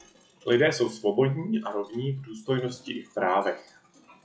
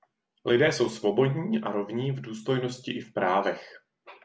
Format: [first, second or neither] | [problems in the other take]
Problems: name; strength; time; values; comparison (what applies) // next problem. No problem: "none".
second | noise reduction (classical method log-MMSE)